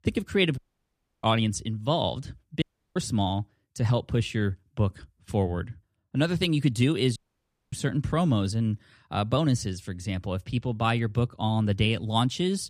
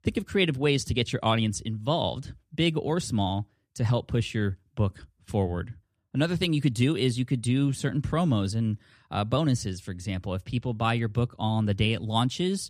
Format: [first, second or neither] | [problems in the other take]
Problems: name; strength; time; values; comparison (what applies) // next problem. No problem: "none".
second | audio cutting out; at 0.5 s for 0.5 s, at 2.5 s and at 7 s for 0.5 s